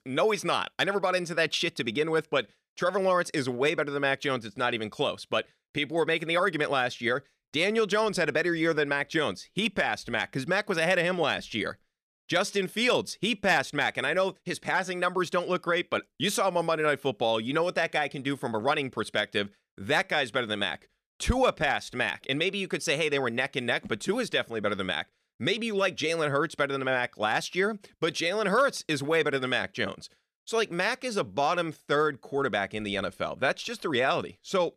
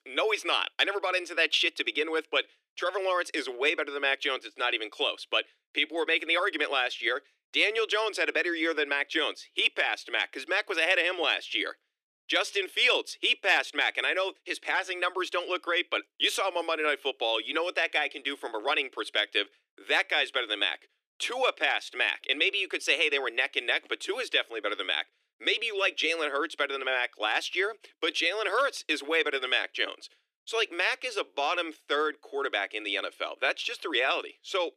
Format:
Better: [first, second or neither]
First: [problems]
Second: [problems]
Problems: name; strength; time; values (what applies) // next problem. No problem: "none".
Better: first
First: none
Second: thin; somewhat; fading below 300 Hz